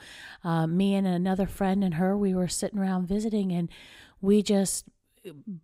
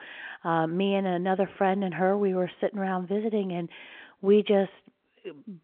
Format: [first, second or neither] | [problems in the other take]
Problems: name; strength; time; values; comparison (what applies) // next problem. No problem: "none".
first | phone-call audio